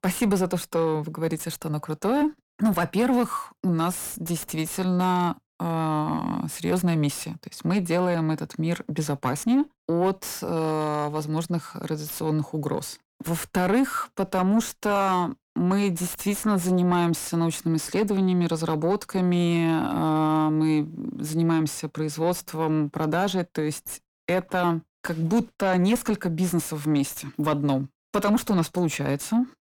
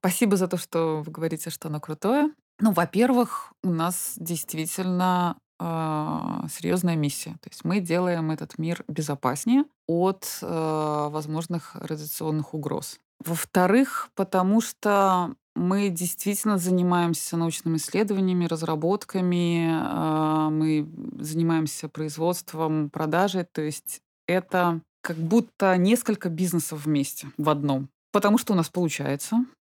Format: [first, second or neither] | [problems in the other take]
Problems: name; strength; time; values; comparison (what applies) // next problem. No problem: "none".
second | distortion; slight; 10 dB below the speech